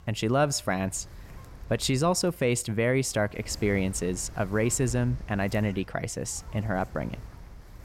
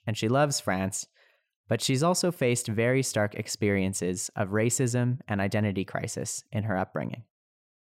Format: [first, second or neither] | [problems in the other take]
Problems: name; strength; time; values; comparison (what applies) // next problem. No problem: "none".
second | wind noise on the microphone; occasional gusts; 25 dB below the speech